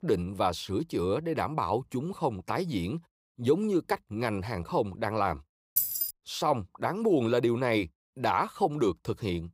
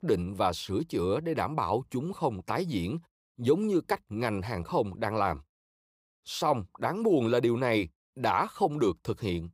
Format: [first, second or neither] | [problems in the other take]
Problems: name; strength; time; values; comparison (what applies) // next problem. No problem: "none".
second | jangling keys; loud; at 6 s; peak 4 dB above the speech